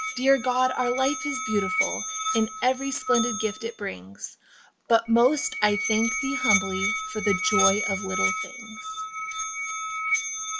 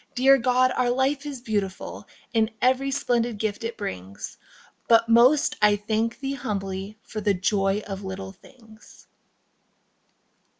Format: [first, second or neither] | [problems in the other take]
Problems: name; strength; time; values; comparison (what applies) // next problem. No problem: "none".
second | background sound (Musical instrument); 3 dB below the speech